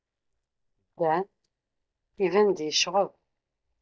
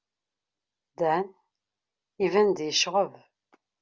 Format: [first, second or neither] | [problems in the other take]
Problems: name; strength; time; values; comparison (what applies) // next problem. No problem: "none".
second | noise reduction (neural mask model DeepFilterNet 3)